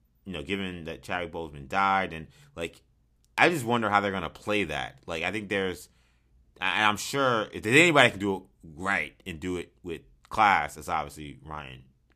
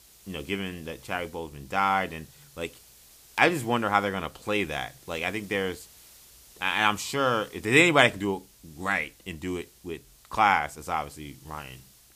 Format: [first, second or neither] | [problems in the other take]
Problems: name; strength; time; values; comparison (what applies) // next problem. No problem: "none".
first | hiss; faint; throughout; 25 dB below the speech